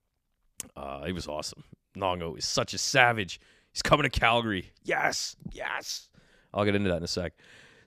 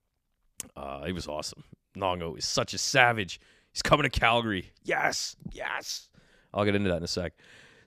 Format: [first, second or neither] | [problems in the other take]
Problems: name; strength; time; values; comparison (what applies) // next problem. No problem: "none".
neither | none